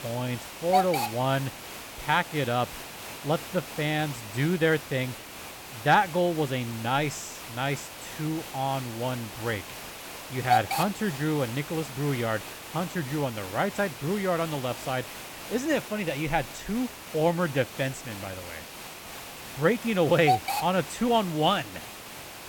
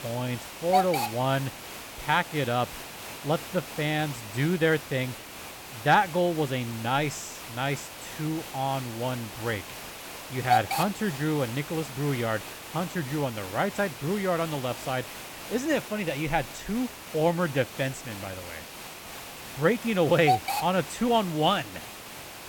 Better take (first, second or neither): neither